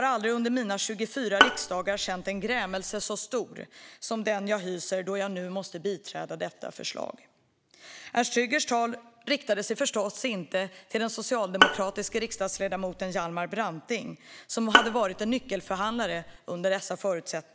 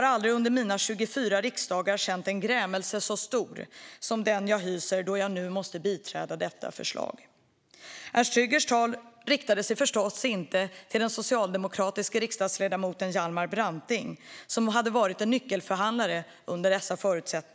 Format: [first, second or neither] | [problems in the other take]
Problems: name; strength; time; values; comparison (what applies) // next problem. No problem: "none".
second | background sound (Bowed string instrument); 1 dB above the speech